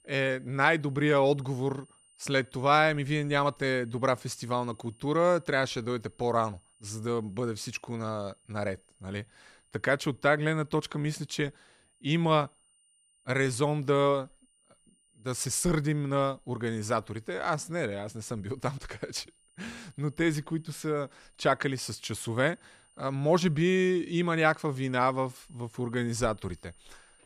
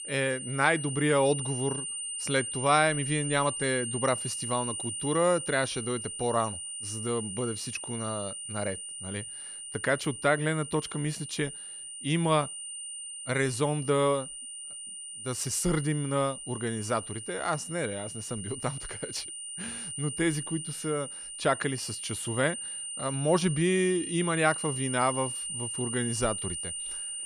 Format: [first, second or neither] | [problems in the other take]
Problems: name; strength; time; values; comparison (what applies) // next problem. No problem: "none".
first | high-pitched whine; loud; throughout; 9 kHz, 6 dB below the speech; faint in the first